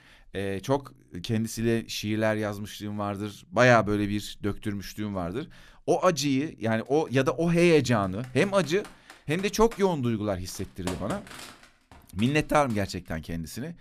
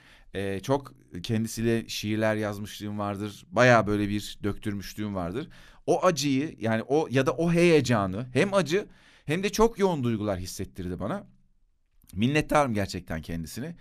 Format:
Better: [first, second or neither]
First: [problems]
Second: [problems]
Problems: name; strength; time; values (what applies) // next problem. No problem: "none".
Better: second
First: keyboard typing; faint; from 8 to 13 s; peak 10 dB below the speech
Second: none